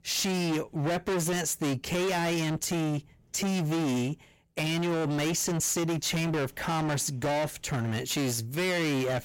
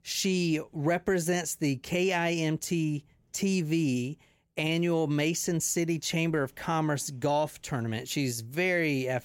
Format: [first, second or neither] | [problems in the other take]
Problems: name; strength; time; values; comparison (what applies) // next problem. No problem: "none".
second | distortion; heavy; 35% of the sound clipped